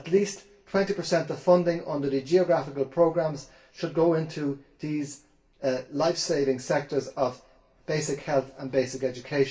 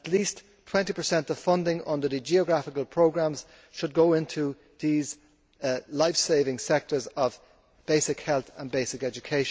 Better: second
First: room echo; dies away in 0.2 s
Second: none

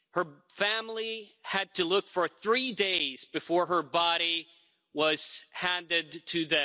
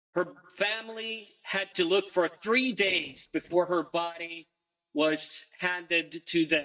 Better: first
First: none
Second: noise reduction (neural mask model DeepFilterNet 3)

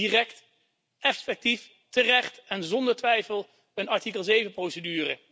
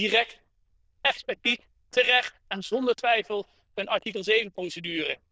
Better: first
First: none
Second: noise reduction (neural diffusion model UNIVERSE++)

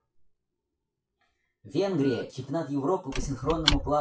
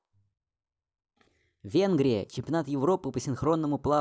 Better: second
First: noise reduction (classical method WPE with log-MMSE)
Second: none

